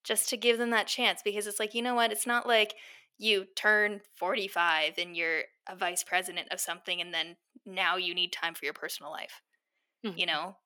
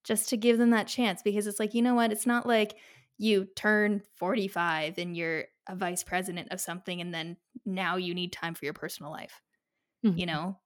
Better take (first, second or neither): second